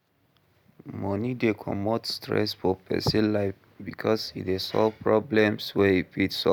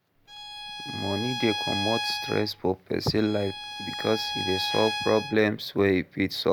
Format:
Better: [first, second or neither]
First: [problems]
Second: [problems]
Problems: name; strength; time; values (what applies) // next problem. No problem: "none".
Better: first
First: none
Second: background sound (Bowed string instrument); 6 dB below the speech